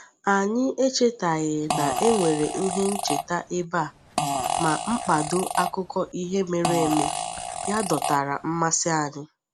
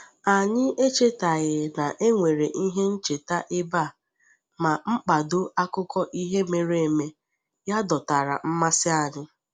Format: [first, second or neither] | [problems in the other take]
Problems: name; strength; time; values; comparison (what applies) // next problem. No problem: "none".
second | background sound (Fart); 4 dB below the speech